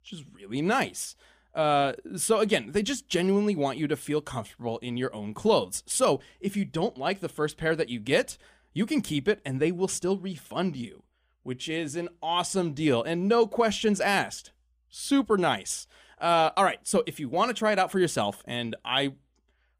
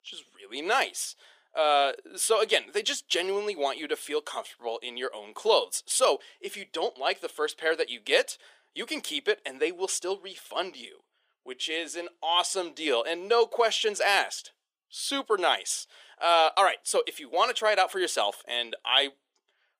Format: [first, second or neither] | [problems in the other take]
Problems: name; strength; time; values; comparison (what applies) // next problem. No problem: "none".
first | thin; very; fading below 400 Hz